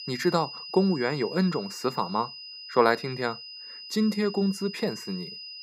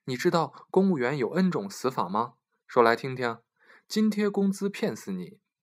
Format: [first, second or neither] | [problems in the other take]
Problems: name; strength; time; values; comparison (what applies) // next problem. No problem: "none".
second | high-pitched whine; noticeable; throughout; 5 kHz, 10 dB below the speech